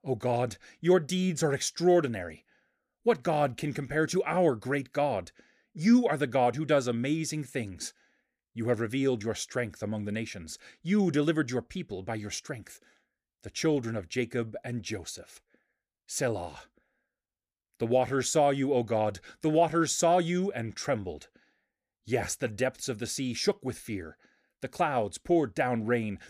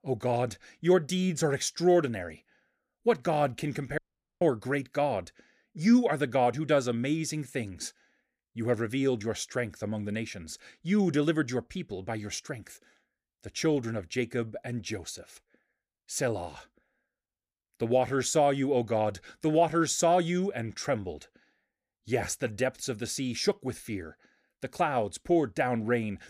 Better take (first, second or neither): first